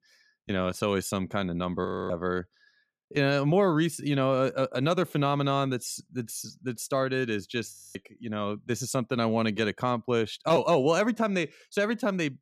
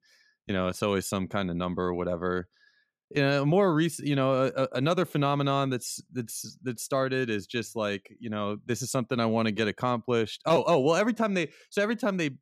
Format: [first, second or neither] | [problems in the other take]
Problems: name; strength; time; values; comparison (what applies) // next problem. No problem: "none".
second | audio freezing; at 2 s and at 7.5 s